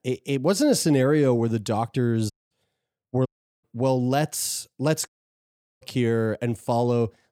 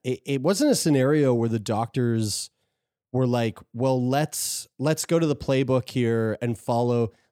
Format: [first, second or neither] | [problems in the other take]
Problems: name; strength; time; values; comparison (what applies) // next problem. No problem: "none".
second | audio cutting out; at 2.5 s, at 3.5 s and at 5 s for 0.5 s